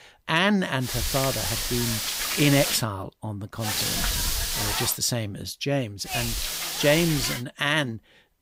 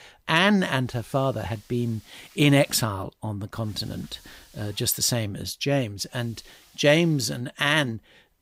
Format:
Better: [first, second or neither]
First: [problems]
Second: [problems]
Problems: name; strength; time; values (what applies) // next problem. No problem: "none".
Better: second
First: hiss; loud; from 1 to 3 s, from 3.5 to 5 s and from 6 to 7.5 s; 1 dB below the speech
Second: hiss; faint; from 1 to 3 s, from 3.5 to 5 s and from 6 to 7.5 s; 30 dB below the speech